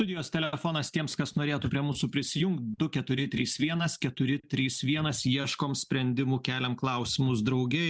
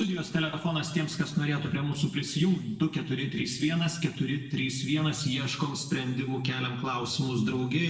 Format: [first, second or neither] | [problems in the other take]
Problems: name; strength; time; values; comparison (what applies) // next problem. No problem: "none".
first | room echo; dies away in 0.9 s